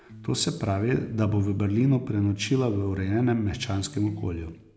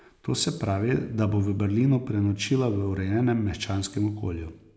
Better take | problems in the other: second | background sound (Electric guitar); 17 dB below the speech

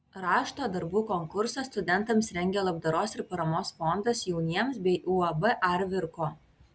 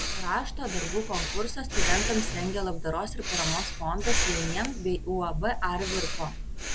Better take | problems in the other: first | background sound (Breathing); 2 dB above the speech

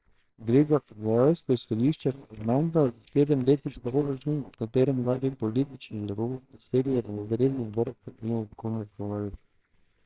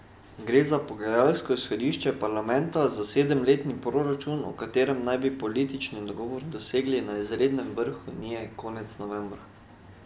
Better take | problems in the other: second | noise reduction (neural separator model SepFormer WHAMR!)

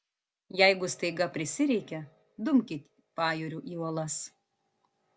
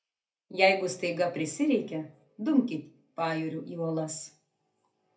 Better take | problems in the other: first | room echo; dies away in 0.3 s

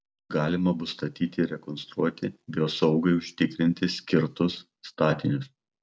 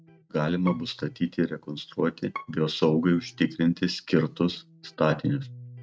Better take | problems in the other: first | noise reduction (neural mask model RNNoise)

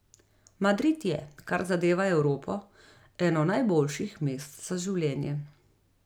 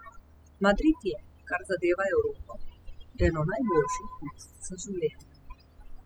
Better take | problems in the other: first | noise reduction (classical method spectral subtraction)

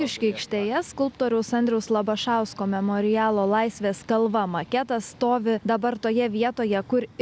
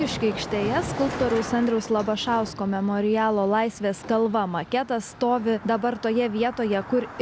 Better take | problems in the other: first | background sound (Car passing by); 12 dB below the speech

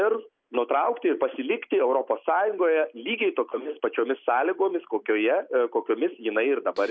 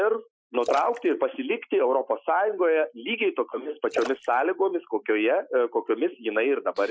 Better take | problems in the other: first | noise reduction (classical method Wiener filter)

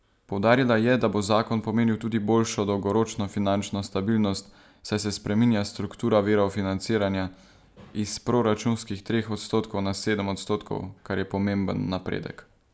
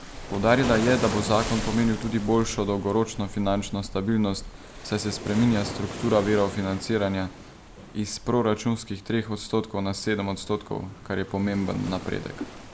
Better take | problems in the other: first | background sound (Waves, surf); 10 dB below the speech

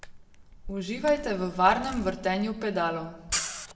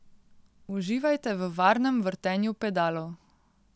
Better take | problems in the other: second | background sound (Camera); 10 dB below the speech // room echo; dies away in 0.7 s

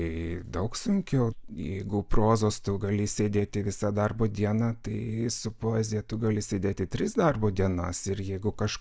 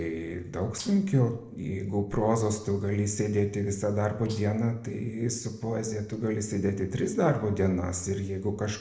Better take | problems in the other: first | noise reduction (neural separator model SepFormer DNS4)

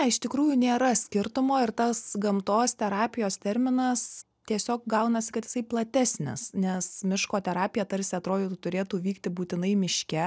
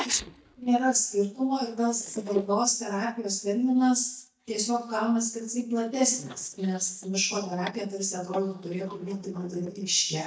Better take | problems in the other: first | noise reduction (neural mask model DeepFilterNet 3)

